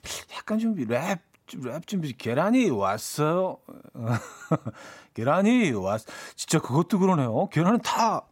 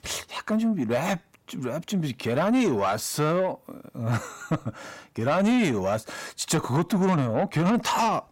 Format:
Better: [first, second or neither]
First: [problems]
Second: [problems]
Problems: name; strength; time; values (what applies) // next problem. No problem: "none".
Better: first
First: none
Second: distortion; slight; 10 dB below the speech